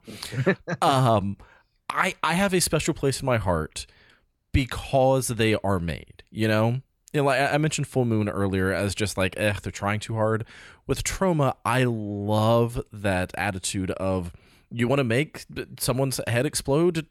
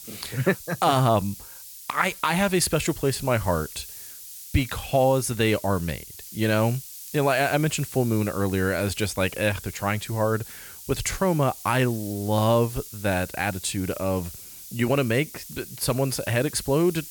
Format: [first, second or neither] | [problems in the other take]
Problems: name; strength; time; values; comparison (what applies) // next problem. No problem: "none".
first | hiss; noticeable; throughout; 15 dB below the speech